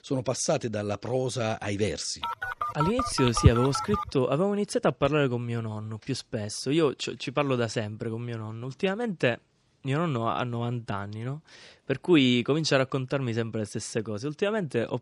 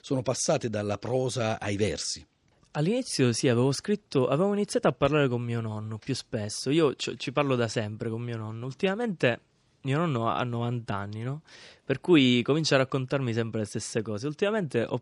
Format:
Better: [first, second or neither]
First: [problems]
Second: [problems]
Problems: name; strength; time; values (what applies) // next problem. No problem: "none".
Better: second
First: phone ringing; loud; from 2 to 4 s; peak 4 dB above the speech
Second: none